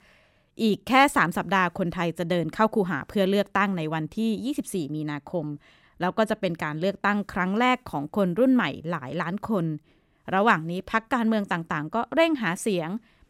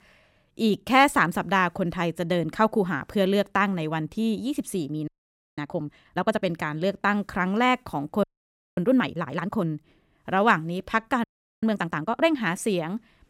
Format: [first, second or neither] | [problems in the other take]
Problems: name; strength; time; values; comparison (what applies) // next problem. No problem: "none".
first | audio freezing; at 5 s, at 8 s for 0.5 s and at 11 s